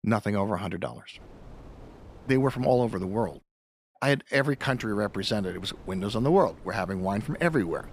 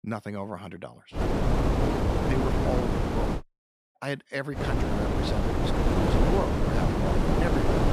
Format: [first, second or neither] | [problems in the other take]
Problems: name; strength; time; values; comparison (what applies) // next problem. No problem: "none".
first | wind noise on the microphone; heavy; from 1 to 3.5 s and from 4.5 s on; 5 dB above the speech; occasional gusts in the first